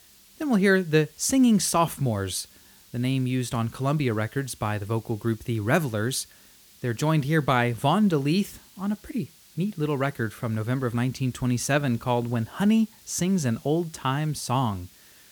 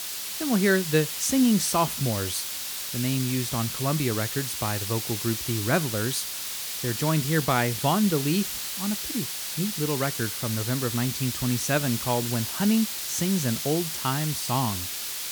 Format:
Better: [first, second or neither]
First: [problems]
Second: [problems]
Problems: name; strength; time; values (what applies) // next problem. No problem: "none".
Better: first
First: hiss; faint; throughout; 25 dB below the speech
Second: hiss; loud; throughout; 3 dB below the speech